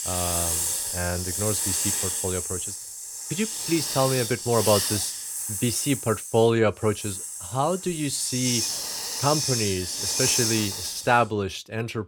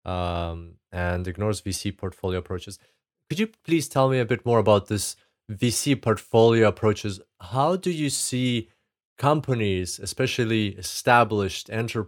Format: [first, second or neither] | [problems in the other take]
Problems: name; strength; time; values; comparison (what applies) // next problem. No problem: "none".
second | hiss; loud; throughout; as loud as the speech